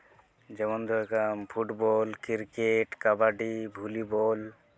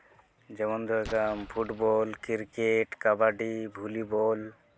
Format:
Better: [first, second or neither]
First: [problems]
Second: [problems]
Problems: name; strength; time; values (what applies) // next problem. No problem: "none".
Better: first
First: none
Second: background sound (Explosion); 18 dB below the speech